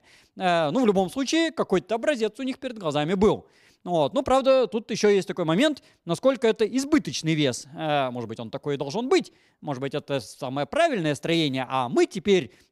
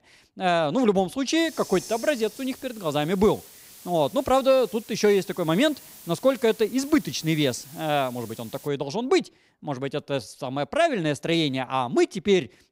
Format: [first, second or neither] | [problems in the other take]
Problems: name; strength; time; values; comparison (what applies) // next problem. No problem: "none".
first | hiss; noticeable; from 1.5 to 8.5 s; 20 dB below the speech